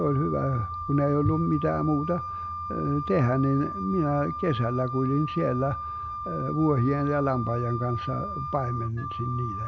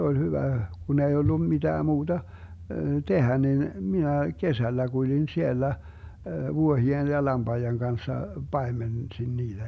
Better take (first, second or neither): second